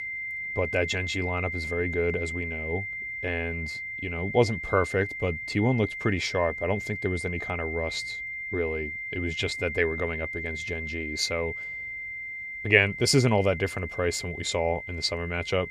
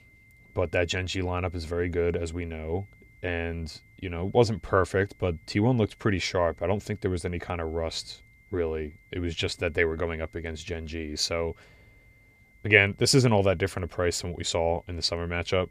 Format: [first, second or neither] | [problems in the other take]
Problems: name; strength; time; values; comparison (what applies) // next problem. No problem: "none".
second | high-pitched whine; loud; throughout; 2 kHz, 5 dB below the speech; faint in the second